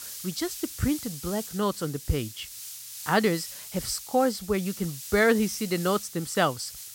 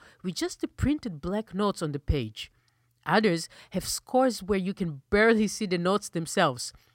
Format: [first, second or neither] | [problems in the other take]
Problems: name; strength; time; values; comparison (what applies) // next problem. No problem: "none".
second | hiss; noticeable; throughout; 10 dB below the speech